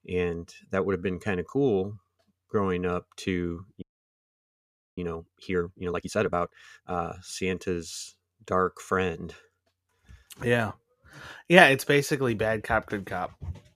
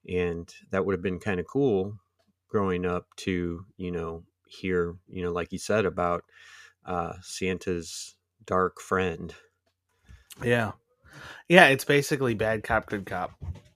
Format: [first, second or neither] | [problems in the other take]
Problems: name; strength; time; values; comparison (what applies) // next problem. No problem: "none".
second | audio freezing; at 4 s for 1 s